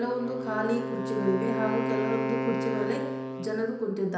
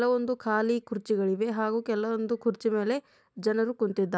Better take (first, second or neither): second